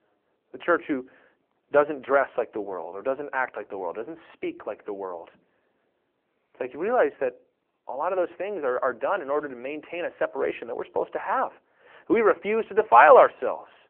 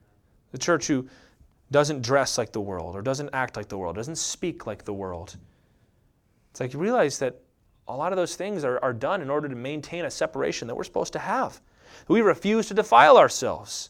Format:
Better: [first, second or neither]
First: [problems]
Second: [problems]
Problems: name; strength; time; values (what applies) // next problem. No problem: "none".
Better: second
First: phone-call audio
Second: none